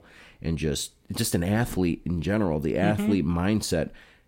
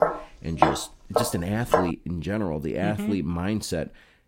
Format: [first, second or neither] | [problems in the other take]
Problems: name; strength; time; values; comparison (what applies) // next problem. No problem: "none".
first | footsteps; loud; until 2 s; peak 5 dB above the speech